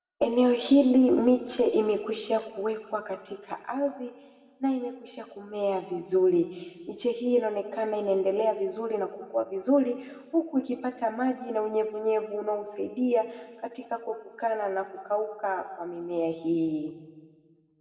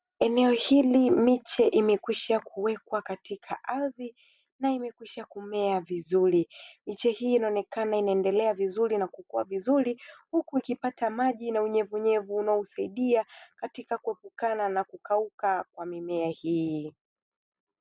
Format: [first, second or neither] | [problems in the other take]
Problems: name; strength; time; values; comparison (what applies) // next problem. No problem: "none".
second | room echo; dies away in 1.4 s